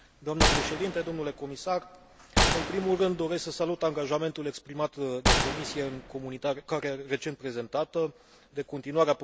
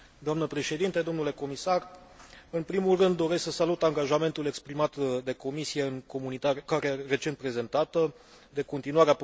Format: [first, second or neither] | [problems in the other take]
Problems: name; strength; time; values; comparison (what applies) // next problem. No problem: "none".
second | background sound (Gunshot, gunfire); 1 dB above the speech